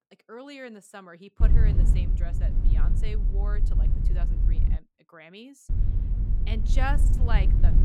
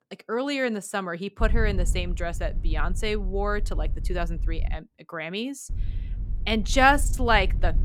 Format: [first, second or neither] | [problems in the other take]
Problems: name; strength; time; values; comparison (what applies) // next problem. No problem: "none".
second | low rumble; loud; from 1.5 to 5 s and from 5.5 s on; 5 dB below the speech; faint in the second